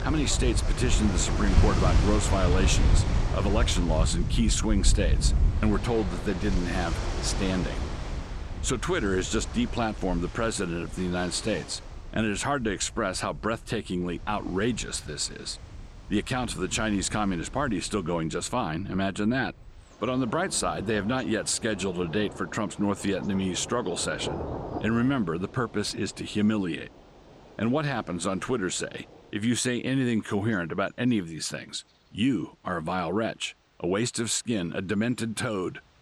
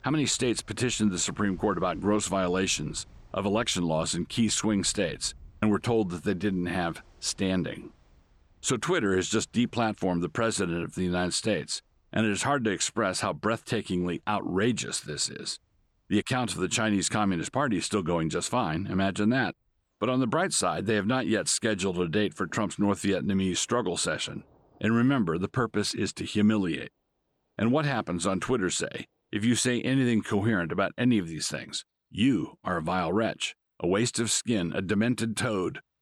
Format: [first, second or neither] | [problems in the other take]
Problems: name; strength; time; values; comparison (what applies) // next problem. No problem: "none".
second | rain or running water; loud; throughout; 2 dB below the speech; faint in the second